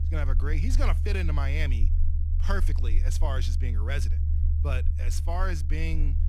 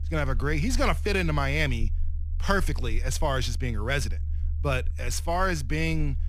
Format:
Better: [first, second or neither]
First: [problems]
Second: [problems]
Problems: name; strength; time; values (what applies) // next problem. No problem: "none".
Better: second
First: low rumble; loud; throughout; 10 dB below the speech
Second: low rumble; faint; throughout; 25 dB below the speech